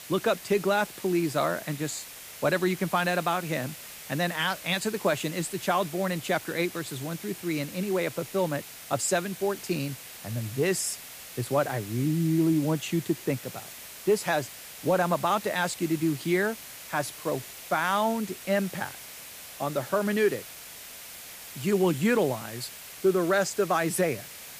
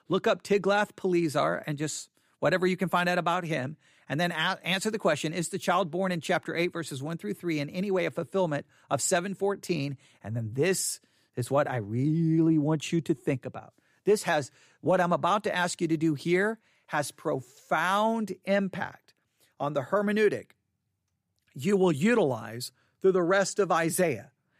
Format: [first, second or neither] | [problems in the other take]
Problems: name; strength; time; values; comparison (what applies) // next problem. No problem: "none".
second | hiss; noticeable; throughout; 15 dB below the speech